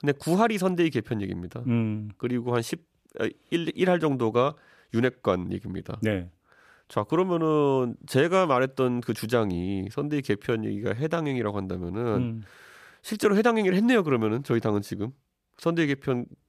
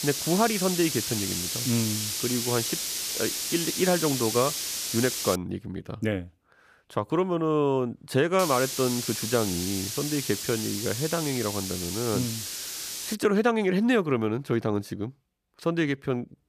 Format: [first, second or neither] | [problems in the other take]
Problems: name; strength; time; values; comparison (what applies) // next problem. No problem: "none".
first | hiss; loud; until 5.5 s and from 8.5 to 13 s; 2 dB below the speech